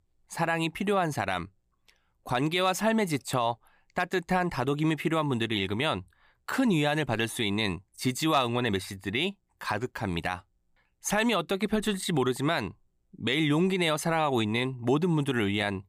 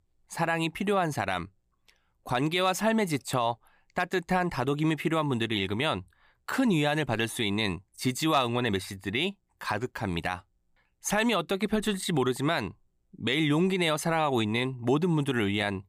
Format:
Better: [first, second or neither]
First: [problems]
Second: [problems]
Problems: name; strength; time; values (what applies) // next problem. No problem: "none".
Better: neither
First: none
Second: none